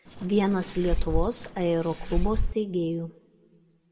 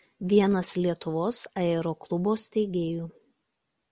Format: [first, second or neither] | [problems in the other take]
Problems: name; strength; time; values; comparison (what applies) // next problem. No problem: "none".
second | background sound (Fireworks); 1 dB above the speech // room echo; dies away in 0.7 s